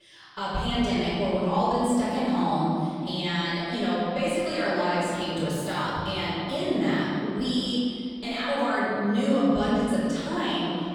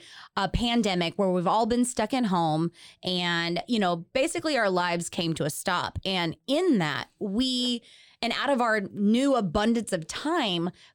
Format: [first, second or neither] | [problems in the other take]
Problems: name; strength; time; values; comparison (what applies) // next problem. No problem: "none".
second | off-mic speech; far // room echo; strong; dies away in 2.4 s